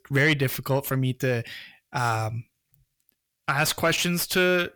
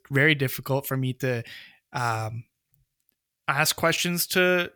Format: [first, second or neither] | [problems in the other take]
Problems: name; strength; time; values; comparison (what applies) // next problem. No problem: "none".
second | distortion; slight; 10 dB below the speech